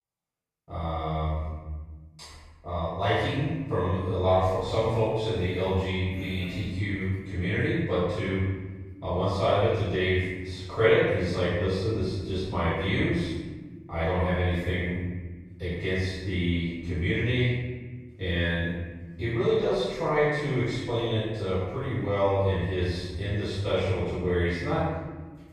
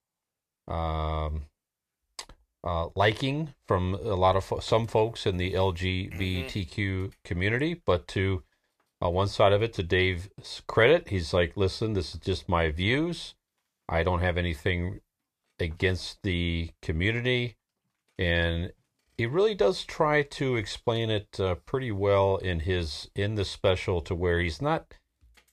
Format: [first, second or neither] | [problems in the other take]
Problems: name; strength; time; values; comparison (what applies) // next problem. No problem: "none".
second | off-mic speech; far // room echo; strong; dies away in 1.4 s